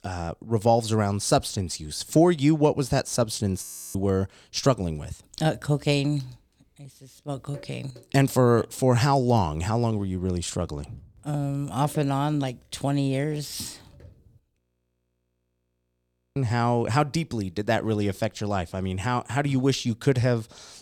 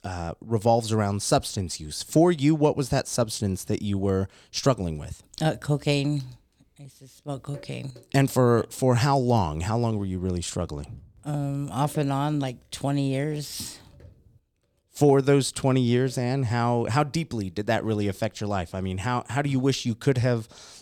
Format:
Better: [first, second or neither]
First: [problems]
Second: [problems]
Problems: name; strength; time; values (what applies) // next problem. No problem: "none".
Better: second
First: audio freezing; at 3.5 s and at 15 s for 2 s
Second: none